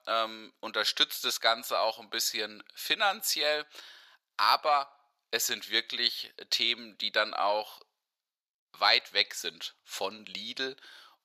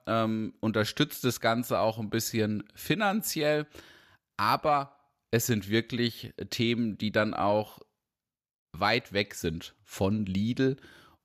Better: second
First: thin; very; fading below 800 Hz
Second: none

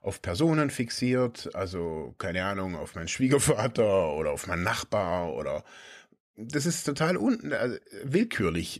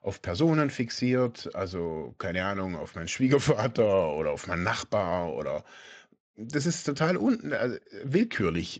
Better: first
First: none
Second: garbled, watery; slightly; nothing above 7.5 kHz

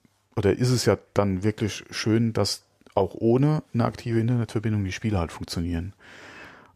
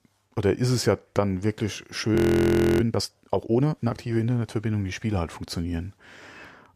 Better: first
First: none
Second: audio freezing; at 2 s for 0.5 s

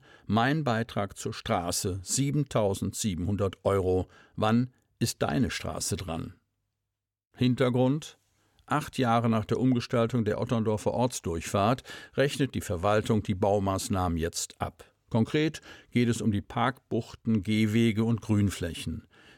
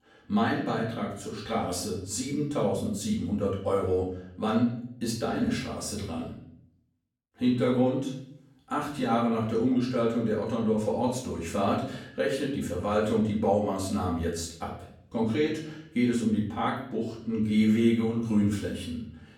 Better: first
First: none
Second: off-mic speech; far // room echo; noticeable; dies away in 0.6 s

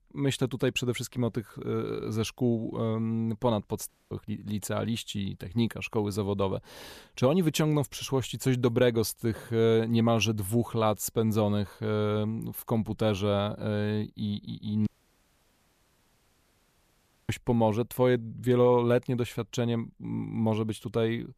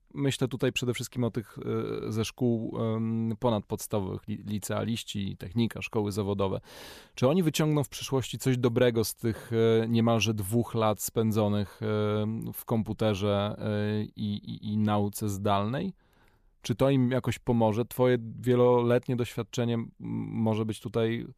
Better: second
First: audio cutting out; at 4 s and at 15 s for 2.5 s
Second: none

